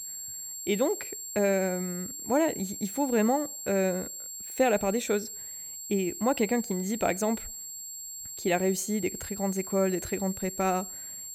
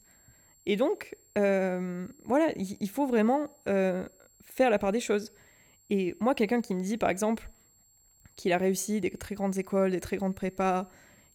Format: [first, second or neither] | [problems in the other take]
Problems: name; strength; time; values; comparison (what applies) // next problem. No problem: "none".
second | high-pitched whine; loud; throughout; 7.5 kHz, 8 dB below the speech; faint in the second